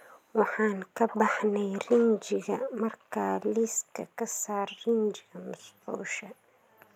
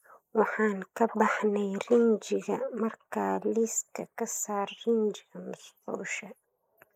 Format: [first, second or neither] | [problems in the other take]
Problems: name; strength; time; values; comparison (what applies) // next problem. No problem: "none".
first | noise reduction (neural mask model Resemble Enhance denoiser)